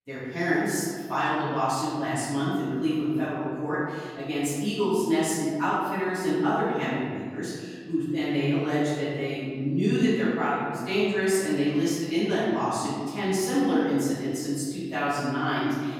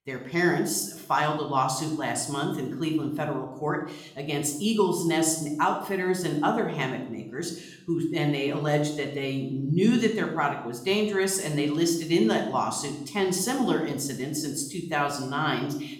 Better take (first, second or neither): second